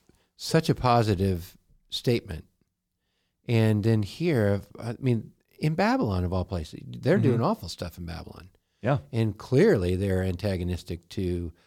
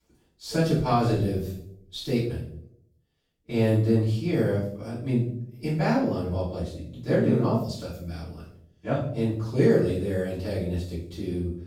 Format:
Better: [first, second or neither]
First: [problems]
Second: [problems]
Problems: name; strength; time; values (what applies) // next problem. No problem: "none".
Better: first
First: none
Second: off-mic speech; far // room echo; noticeable; dies away in 0.6 s